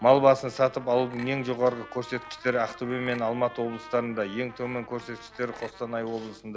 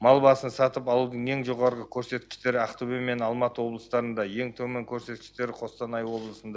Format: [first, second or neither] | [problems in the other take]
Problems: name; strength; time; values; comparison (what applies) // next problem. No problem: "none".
second | background sound (Chink, clink + Trumpet); 19 dB below the speech